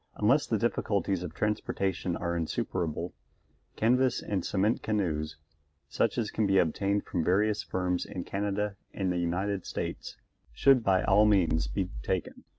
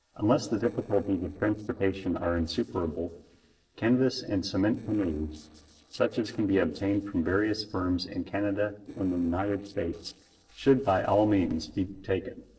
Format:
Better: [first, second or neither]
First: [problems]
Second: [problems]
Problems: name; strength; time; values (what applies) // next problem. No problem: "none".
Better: first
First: none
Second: noise reduction (neural separator model SepFormer DNS4)